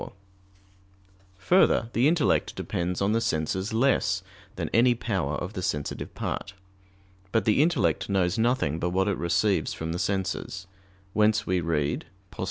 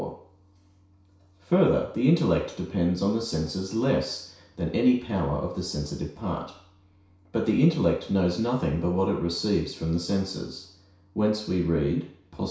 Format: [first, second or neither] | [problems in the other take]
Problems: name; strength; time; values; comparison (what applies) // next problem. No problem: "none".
first | room echo; dies away in 0.6 s